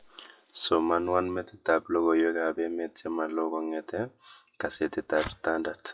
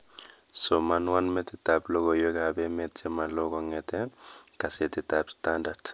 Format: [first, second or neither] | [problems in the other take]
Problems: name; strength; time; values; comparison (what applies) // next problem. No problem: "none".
second | noise reduction (classical method WPE with log-MMSE)